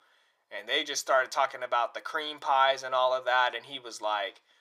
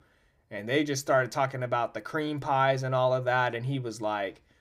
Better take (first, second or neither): second